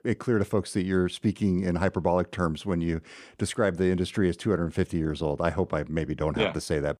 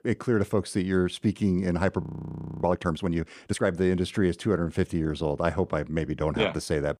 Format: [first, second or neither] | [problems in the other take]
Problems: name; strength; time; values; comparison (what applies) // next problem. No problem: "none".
first | audio freezing; at 2 s for 0.5 s